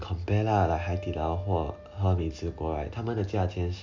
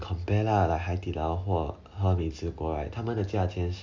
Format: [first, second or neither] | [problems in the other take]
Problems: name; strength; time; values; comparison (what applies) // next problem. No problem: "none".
second | background sound (Wind instrument, woodwind instrument); 18 dB below the speech